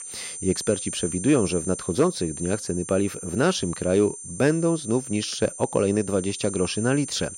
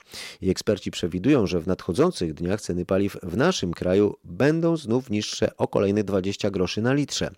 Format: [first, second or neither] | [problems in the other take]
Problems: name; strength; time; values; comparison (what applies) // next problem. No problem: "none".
second | high-pitched whine; loud; throughout; 9 kHz, 9 dB below the speech